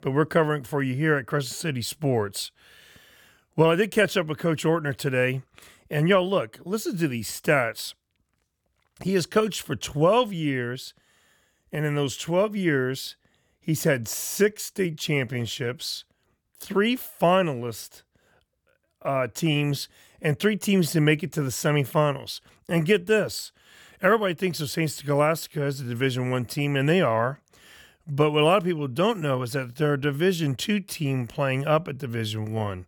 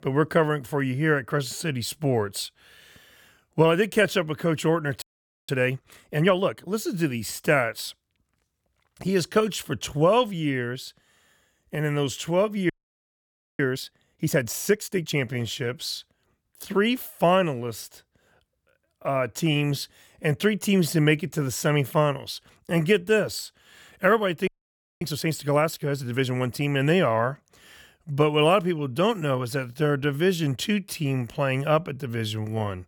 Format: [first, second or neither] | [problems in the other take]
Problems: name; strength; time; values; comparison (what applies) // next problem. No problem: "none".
first | audio freezing; at 5 s, at 13 s for 1 s and at 24 s for 0.5 s